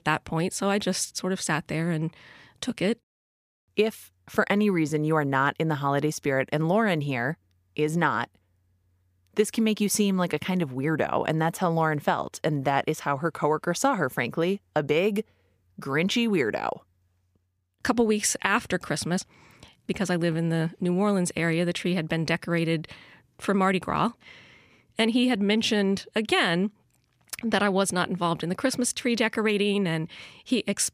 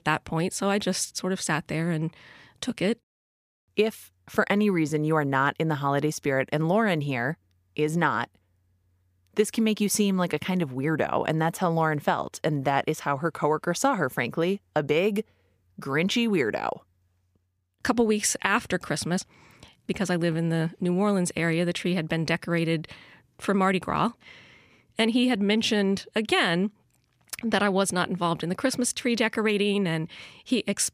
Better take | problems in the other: neither | none

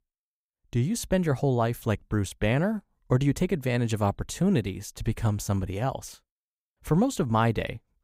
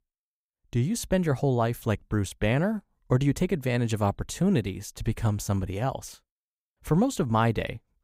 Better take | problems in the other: neither | none

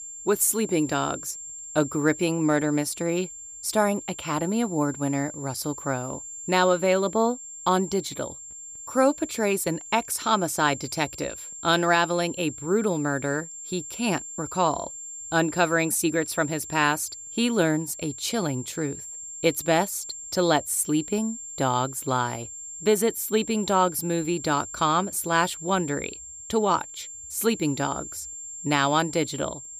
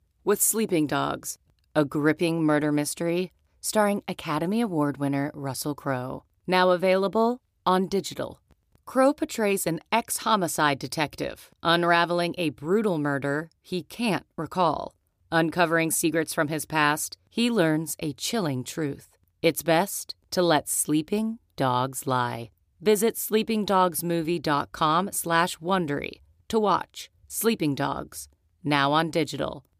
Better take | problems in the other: second | high-pitched whine; noticeable; throughout; 7.5 kHz, 10 dB below the speech

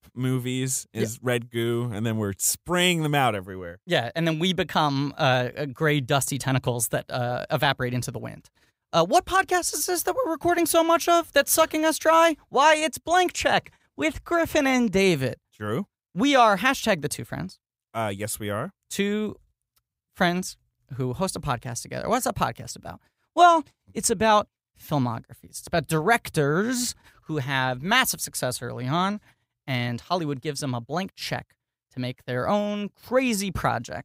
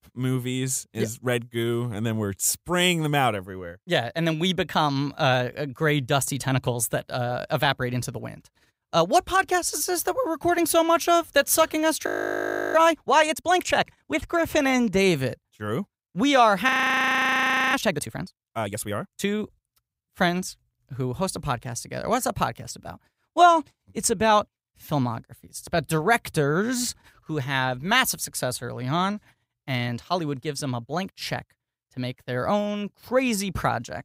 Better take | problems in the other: first | audio freezing; at 12 s for 0.5 s and at 17 s for 1 s

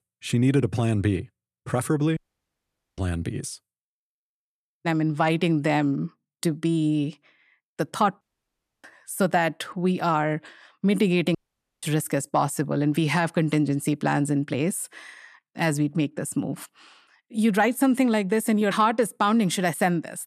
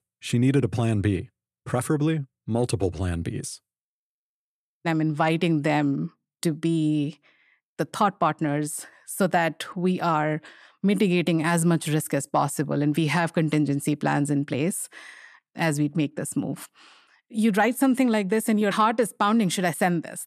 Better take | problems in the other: second | audio cutting out; at 2 s for 1 s, at 8 s for 0.5 s and at 11 s

